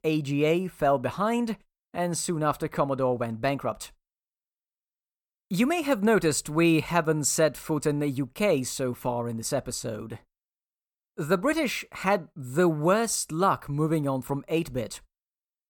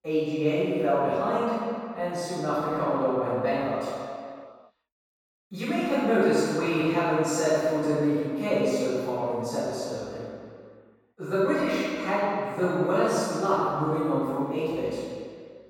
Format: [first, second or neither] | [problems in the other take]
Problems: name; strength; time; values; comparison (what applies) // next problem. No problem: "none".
first | room echo; strong; dies away in 2.2 s // off-mic speech; far